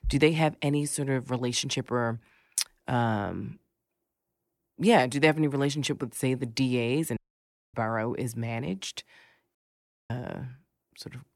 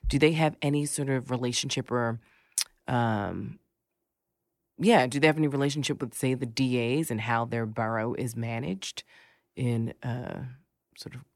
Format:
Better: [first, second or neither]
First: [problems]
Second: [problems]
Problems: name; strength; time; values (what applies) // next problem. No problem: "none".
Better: second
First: audio cutting out; at 7 s for 0.5 s and at 9.5 s for 0.5 s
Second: none